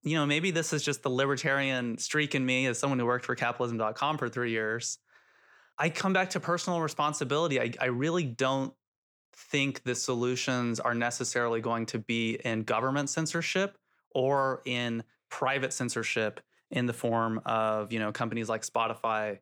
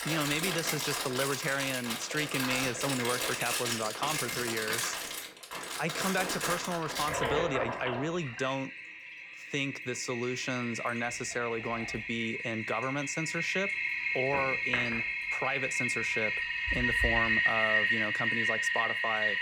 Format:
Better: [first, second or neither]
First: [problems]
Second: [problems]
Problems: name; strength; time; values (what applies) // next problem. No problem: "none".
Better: first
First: none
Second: household noises; very loud; throughout; 3 dB above the speech